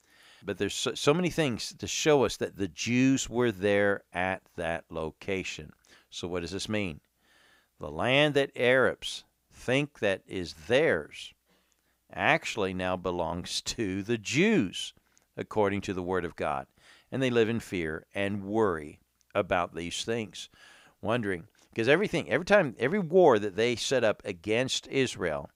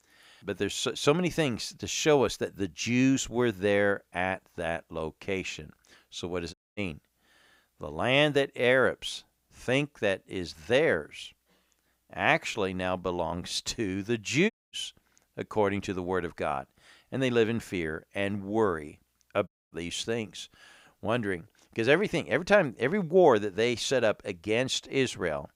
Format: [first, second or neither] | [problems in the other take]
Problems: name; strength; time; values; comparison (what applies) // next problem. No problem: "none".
first | audio cutting out; at 6.5 s, at 15 s and at 19 s